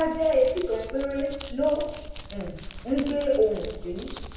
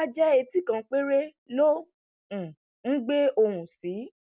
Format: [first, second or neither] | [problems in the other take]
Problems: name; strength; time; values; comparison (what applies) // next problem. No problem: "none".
second | background sound (Crumpling, crinkling); 12 dB below the speech // room echo; dies away in 0.9 s